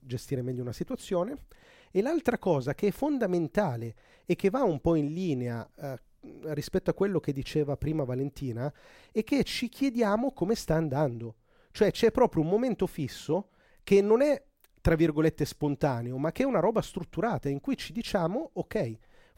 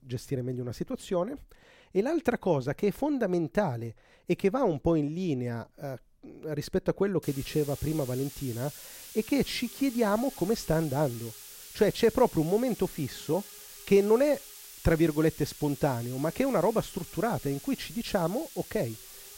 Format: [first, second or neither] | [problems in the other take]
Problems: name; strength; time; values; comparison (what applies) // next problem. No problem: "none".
first | hiss; noticeable; from 7 s on; 15 dB below the speech